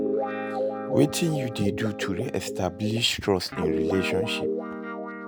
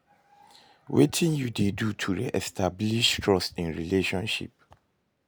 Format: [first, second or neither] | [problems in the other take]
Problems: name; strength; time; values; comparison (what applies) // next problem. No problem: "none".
second | background sound (Guitar); 2 dB below the speech